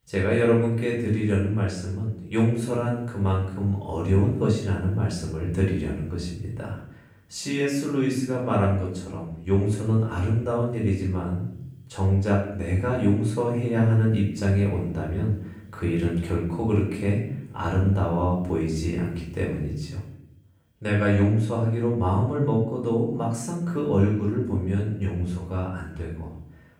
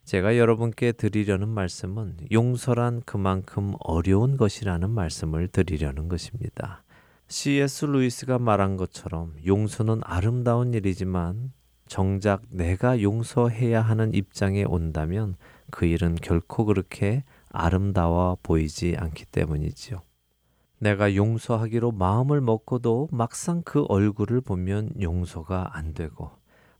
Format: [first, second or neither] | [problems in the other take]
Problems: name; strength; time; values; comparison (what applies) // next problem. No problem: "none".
second | off-mic speech; far // room echo; noticeable; dies away in 0.7 s